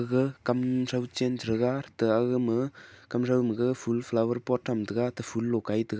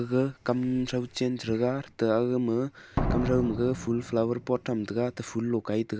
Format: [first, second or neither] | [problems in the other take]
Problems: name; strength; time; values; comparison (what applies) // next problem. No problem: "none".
first | background sound (Slam); 9 dB below the speech